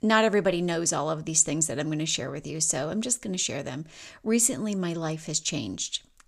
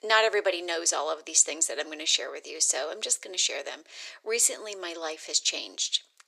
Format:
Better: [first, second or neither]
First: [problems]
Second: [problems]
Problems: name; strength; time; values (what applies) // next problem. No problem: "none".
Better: first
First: none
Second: thin; very; fading below 400 Hz